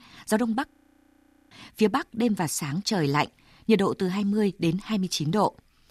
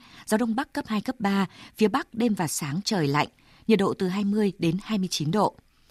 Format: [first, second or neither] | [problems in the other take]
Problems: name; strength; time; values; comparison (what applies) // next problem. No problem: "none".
second | audio freezing; at 0.5 s for 1 s